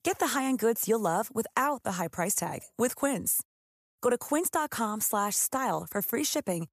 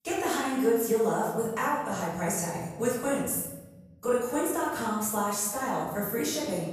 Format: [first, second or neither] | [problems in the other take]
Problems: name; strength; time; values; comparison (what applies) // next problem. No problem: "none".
first | off-mic speech; far // room echo; noticeable; dies away in 1.5 s